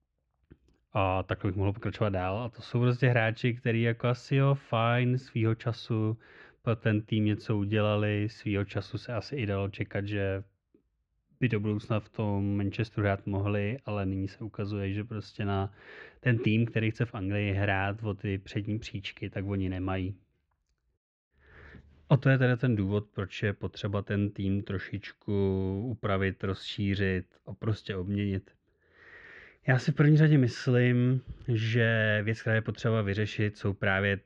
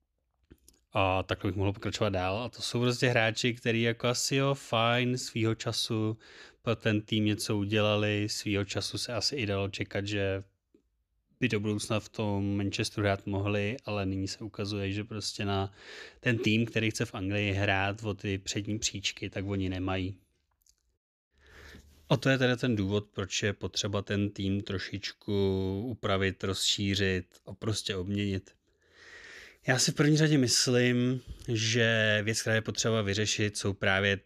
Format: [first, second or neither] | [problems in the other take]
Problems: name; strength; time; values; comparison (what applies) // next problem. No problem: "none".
second | muffled; very; fading above 2 kHz